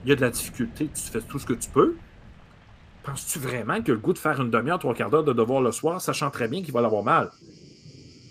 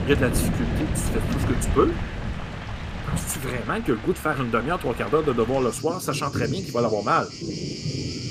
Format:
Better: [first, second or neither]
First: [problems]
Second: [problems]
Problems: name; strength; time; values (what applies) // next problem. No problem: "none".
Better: first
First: rain or running water; faint; throughout; 25 dB below the speech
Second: rain or running water; loud; throughout; 5 dB below the speech